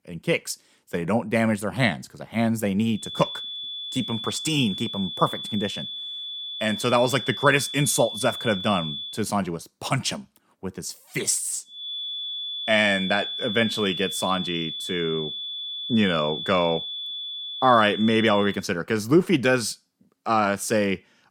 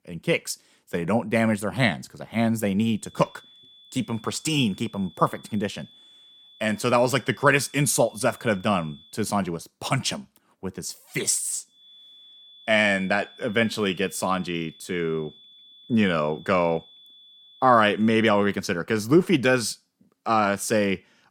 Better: second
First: high-pitched whine; loud; from 3 to 9 s and from 12 to 19 s; 3.5 kHz, 6 dB below the speech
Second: high-pitched whine; faint; from 3 to 9 s and from 12 to 19 s; 3.5 kHz, 25 dB below the speech

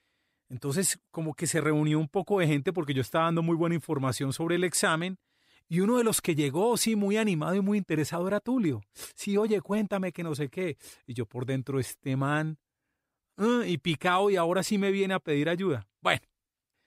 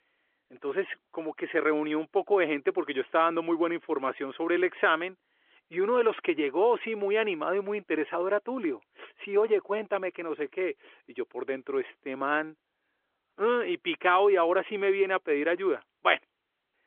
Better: first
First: none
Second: phone-call audio; nothing above 3.5 kHz

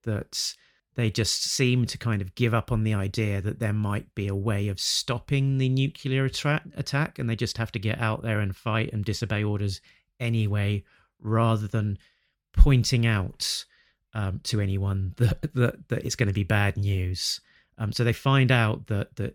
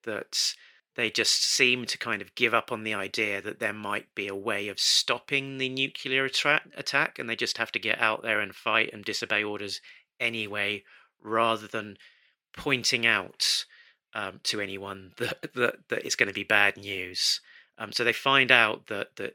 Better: first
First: none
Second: thin; very; fading below 400 Hz

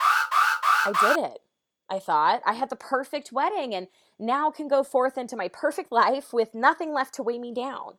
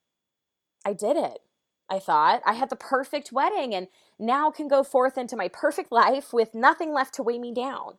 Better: second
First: alarm; loud; until 1 s; peak 6 dB above the speech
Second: none

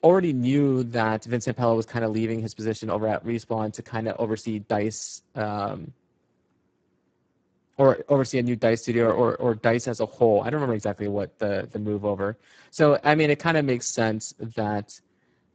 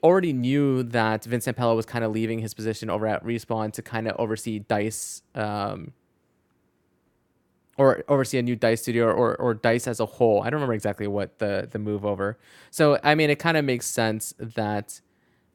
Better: second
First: garbled, watery; badly; nothing above 7.5 kHz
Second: none

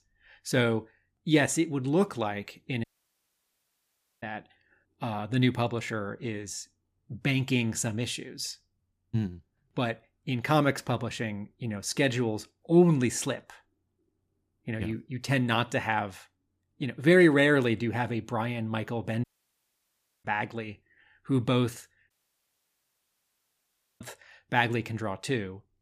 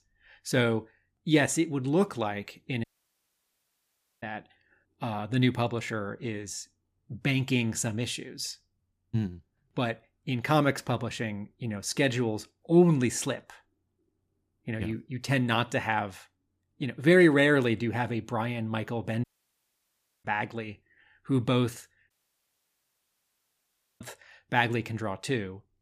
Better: neither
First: audio cutting out; at 3 s for 1.5 s, at 19 s for 1 s and at 22 s for 2 s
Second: audio cutting out; at 3 s for 1.5 s, at 19 s for 1 s and at 22 s for 2 s

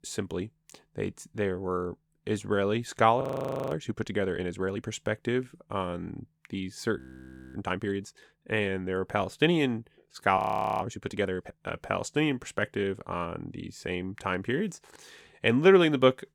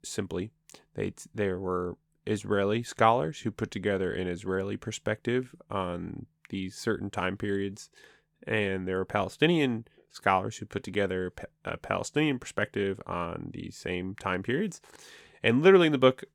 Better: second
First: audio freezing; at 3 s, at 7 s for 0.5 s and at 10 s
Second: none

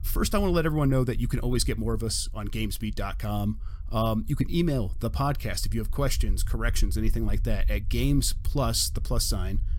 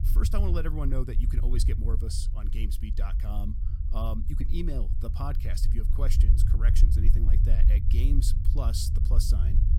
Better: first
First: low rumble; faint; throughout; 25 dB below the speech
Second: low rumble; loud; throughout; 6 dB below the speech

